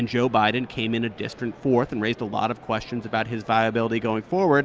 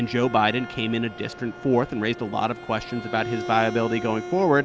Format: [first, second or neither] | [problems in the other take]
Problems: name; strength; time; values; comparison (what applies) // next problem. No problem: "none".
first | background sound (Bowed string instrument); 12 dB below the speech